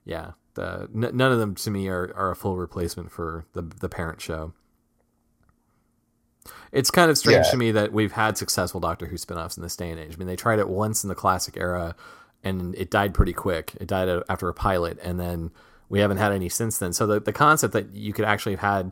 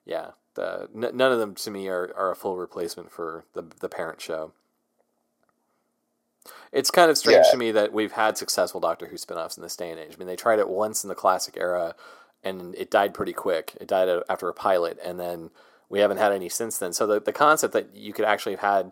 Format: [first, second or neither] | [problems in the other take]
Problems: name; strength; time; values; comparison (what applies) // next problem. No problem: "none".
first | thin; somewhat; fading below 350 Hz